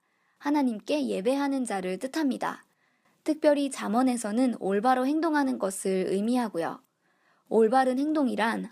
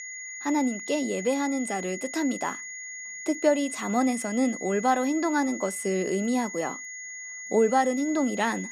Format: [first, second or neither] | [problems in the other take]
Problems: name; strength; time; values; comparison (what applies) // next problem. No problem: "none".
first | high-pitched whine; loud; throughout; 2 kHz, 9 dB below the speech